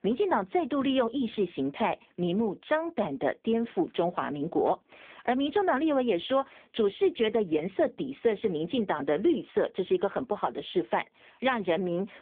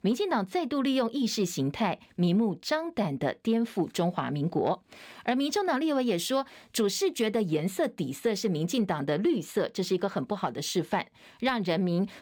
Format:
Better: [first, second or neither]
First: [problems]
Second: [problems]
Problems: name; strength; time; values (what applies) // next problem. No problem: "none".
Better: second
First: phone-call audio; poor line; nothing above 3.5 kHz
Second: none